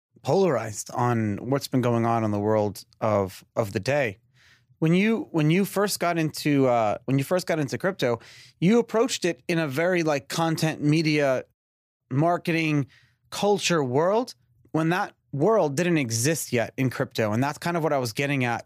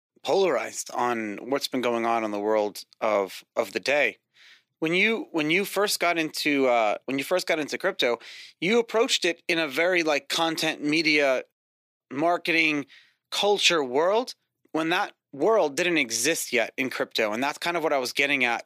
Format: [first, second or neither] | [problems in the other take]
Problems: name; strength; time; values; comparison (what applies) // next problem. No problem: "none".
first | thin; somewhat; fading below 300 Hz